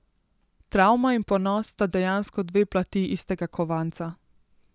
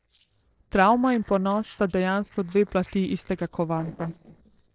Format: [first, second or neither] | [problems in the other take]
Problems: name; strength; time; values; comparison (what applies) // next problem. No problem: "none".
first | noise reduction (neural separator model SepFormer DNS4)